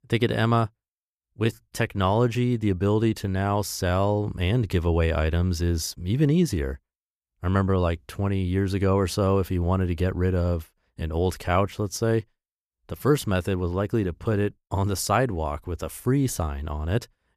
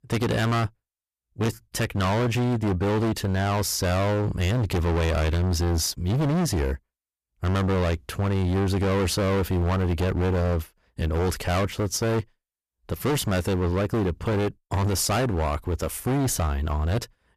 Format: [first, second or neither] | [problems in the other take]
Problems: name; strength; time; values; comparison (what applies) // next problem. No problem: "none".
first | distortion; heavy; 31% of the sound clipped